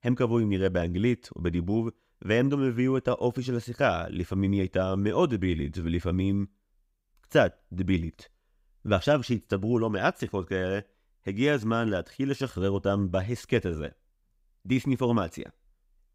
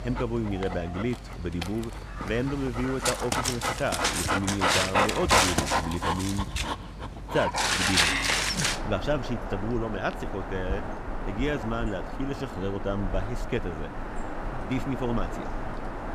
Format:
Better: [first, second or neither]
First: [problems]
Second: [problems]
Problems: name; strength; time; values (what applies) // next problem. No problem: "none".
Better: first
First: none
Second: animal sounds; very loud; throughout; 3 dB above the speech